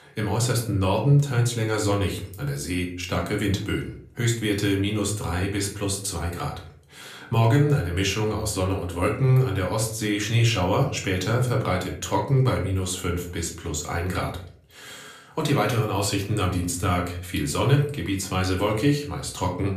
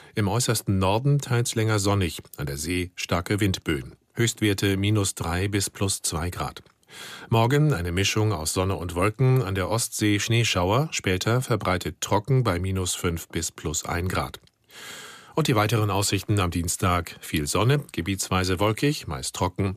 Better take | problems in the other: second | room echo; slight; dies away in 0.4 s // off-mic speech; somewhat distant

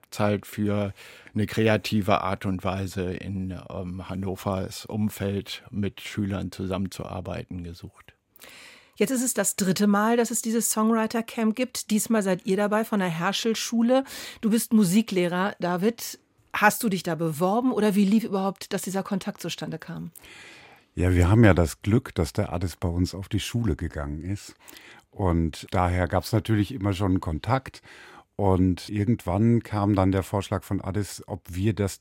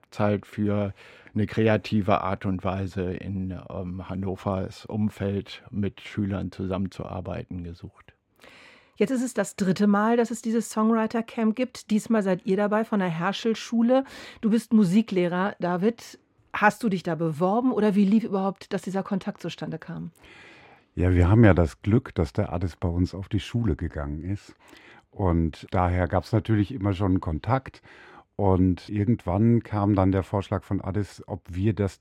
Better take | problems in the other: first | muffled; slightly; fading above 2 kHz

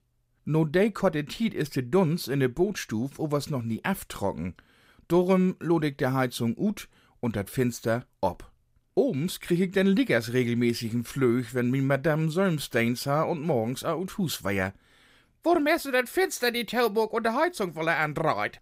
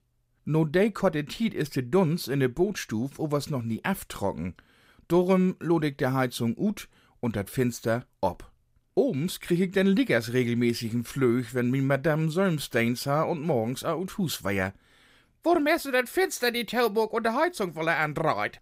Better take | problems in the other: neither | none

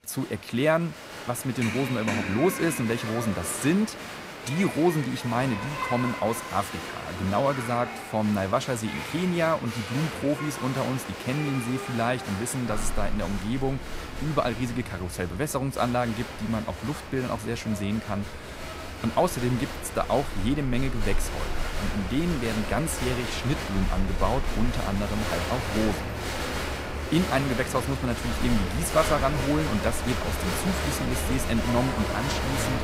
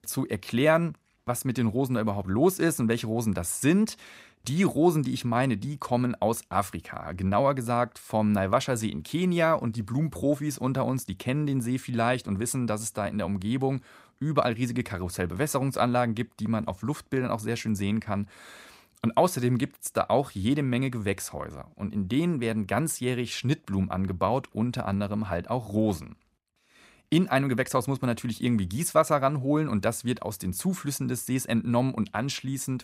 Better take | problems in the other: second | crowd noise; loud; throughout; 5 dB below the speech

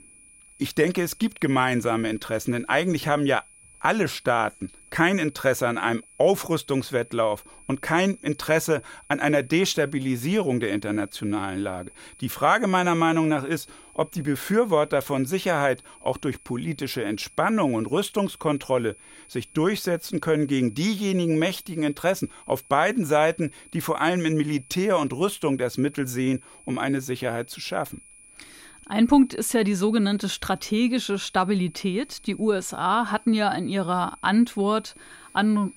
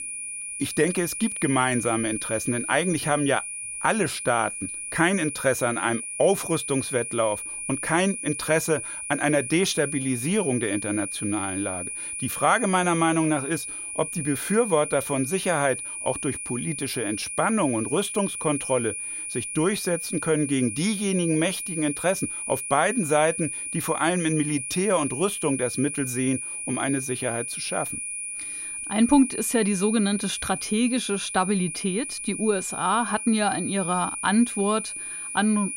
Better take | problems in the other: first | high-pitched whine; loud; throughout; 9.5 kHz, 5 dB below the speech; faint in the first

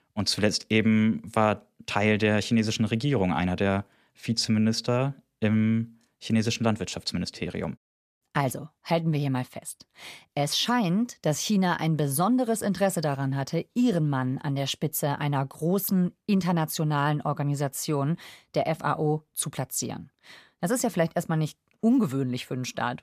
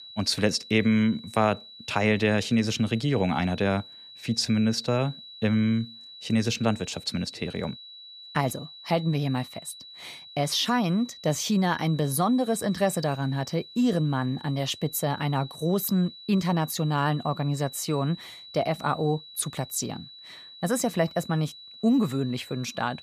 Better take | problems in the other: first | high-pitched whine; noticeable; throughout; 4 kHz, 15 dB below the speech

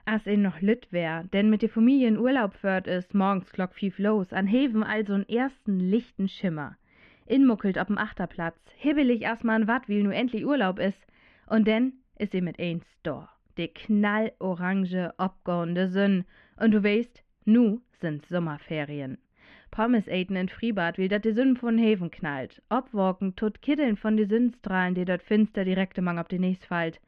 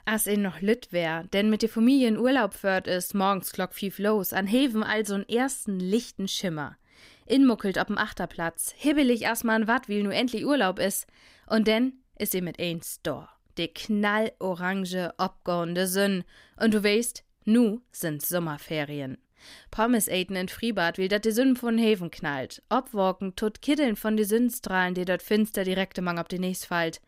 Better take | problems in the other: second | muffled; very; fading above 2.5 kHz

